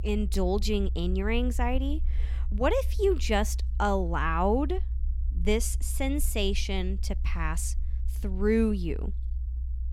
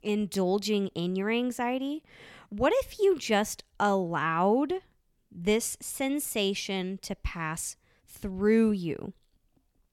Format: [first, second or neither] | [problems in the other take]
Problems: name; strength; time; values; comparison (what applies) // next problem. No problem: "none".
second | low rumble; faint; throughout; 20 dB below the speech